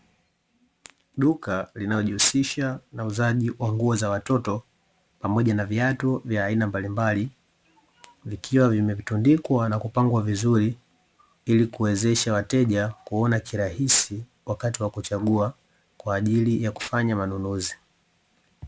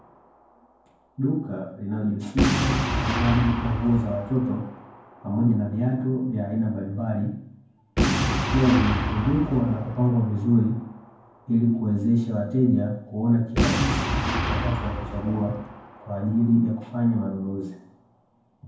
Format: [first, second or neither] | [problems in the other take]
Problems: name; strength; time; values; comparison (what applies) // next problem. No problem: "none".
first | background sound (Boom); 5 dB below the speech // room echo; dies away in 0.9 s